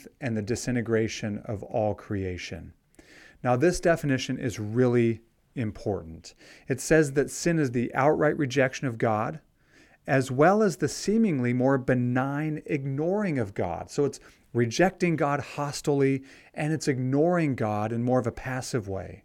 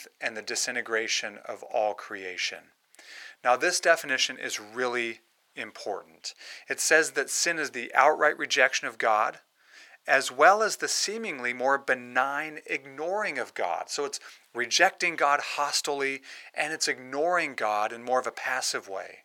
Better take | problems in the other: first | thin; very; fading below 900 Hz

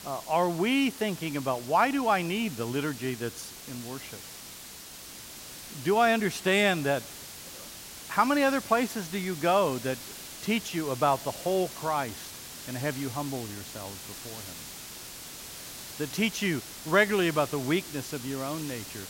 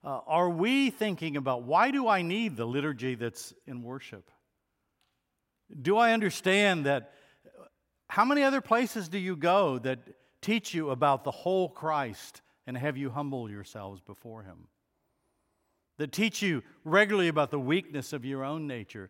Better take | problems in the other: second | hiss; noticeable; throughout; 10 dB below the speech

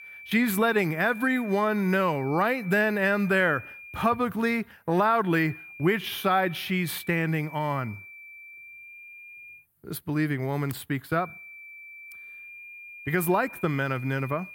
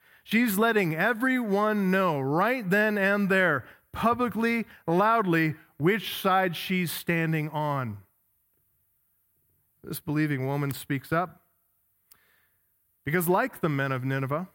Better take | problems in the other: second | high-pitched whine; noticeable; until 4 s, from 5.5 to 9.5 s and from 11 s on; 2.5 kHz, 15 dB below the speech

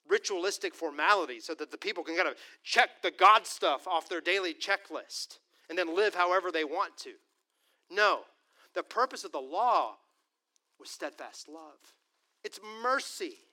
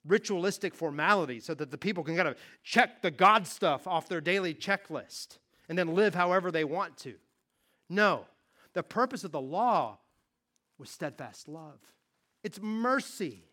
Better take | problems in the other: second | thin; very; fading below 300 Hz

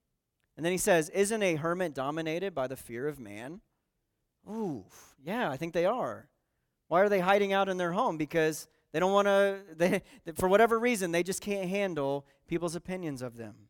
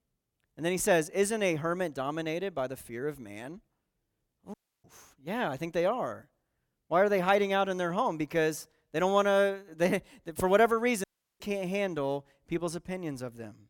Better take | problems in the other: first | audio cutting out; at 4.5 s and at 11 s

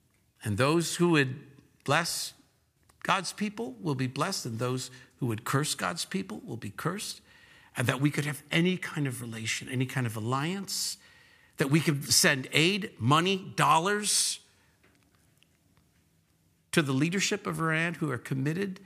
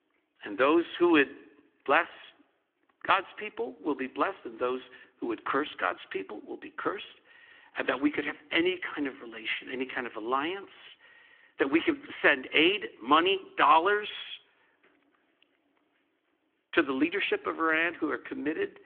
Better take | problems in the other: first | phone-call audio; nothing above 3.5 kHz

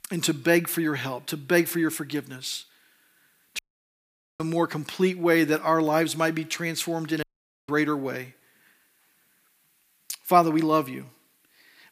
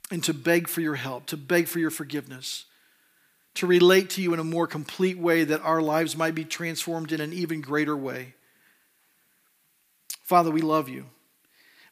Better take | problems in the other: second | audio cutting out; at 3.5 s for 1 s and at 7 s

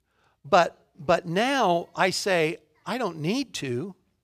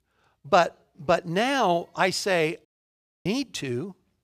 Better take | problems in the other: first | audio cutting out; at 2.5 s for 0.5 s

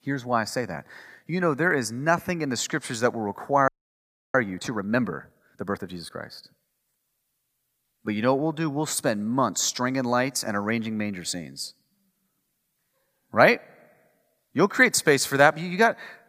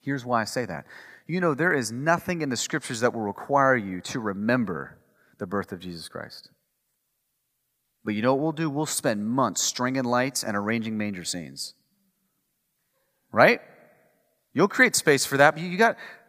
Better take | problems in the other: second | audio freezing; at 3.5 s for 0.5 s

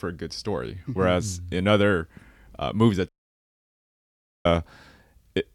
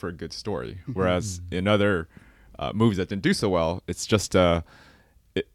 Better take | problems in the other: second | audio cutting out; at 3 s for 1.5 s

